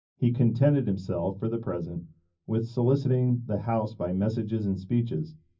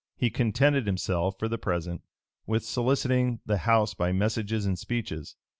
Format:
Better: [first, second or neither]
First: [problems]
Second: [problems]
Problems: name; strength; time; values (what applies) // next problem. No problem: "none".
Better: second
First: room echo; dies away in 0.4 s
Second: none